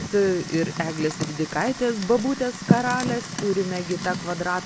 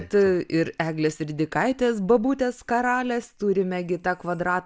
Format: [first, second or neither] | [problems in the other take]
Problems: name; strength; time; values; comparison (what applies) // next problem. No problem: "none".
second | background sound (Fire); 5 dB below the speech